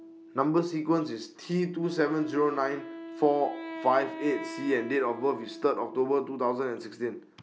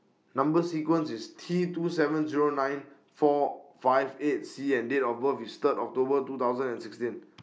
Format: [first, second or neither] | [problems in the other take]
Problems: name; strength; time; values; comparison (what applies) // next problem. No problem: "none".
second | background sound (Wind instrument, woodwind instrument); 14 dB below the speech